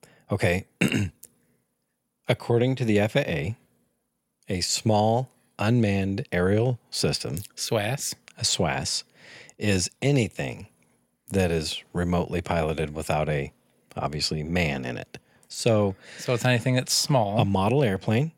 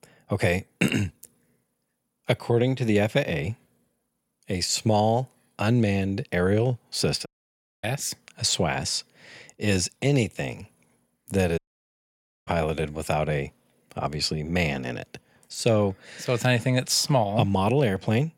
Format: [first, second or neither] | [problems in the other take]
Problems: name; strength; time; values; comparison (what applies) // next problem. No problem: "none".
first | audio cutting out; at 7.5 s for 0.5 s and at 12 s for 1 s